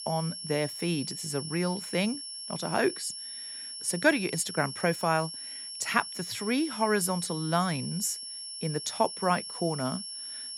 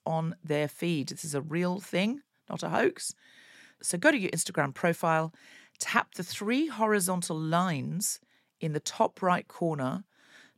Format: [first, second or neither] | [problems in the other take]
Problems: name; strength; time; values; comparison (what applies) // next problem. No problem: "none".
second | high-pitched whine; loud; throughout; 5.5 kHz, 7 dB below the speech